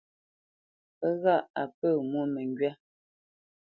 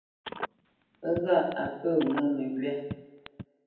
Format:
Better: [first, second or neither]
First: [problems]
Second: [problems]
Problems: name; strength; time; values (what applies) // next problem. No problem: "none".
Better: first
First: none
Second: background sound (Telephone); 11 dB below the speech // room echo; dies away in 0.9 s